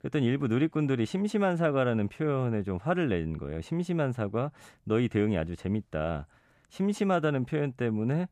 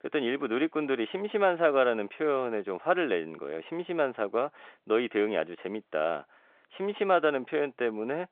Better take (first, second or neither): first